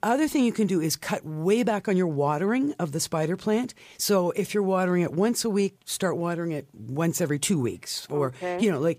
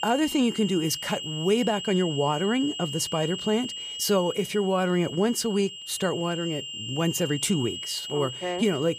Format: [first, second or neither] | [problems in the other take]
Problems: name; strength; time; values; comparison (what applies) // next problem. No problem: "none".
first | high-pitched whine; loud; throughout; 3 kHz, 7 dB below the speech